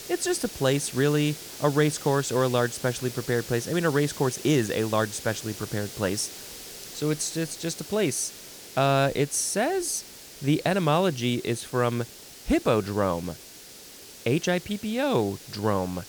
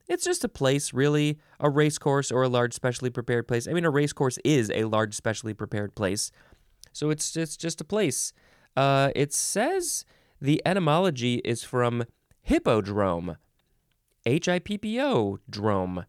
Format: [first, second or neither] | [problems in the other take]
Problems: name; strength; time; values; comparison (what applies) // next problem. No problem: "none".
second | hiss; noticeable; throughout; 15 dB below the speech